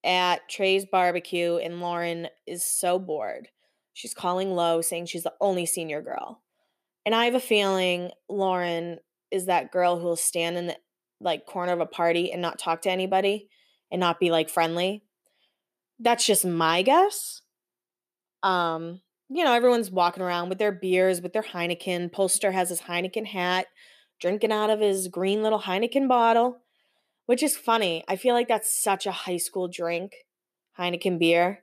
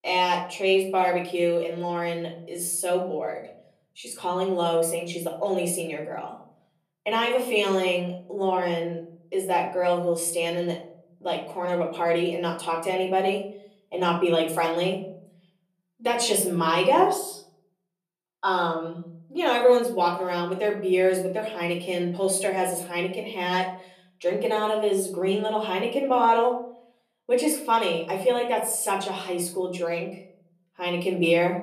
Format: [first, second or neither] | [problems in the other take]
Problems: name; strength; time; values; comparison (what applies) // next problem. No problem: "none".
first | off-mic speech; far // room echo; slight; dies away in 0.6 s